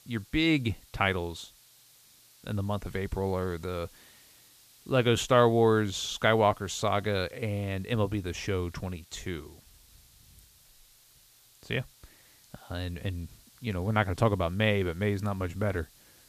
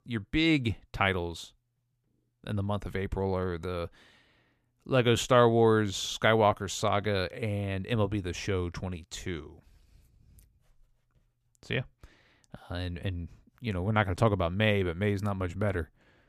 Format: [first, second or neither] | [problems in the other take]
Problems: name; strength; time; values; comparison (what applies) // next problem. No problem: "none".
second | hiss; faint; throughout; 25 dB below the speech